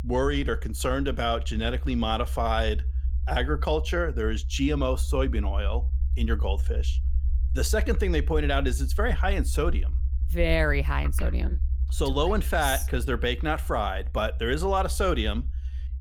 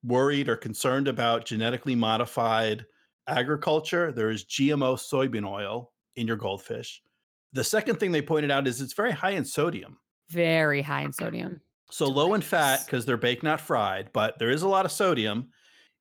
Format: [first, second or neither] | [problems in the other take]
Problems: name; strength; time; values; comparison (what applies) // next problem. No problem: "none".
second | low rumble; faint; throughout; 20 dB below the speech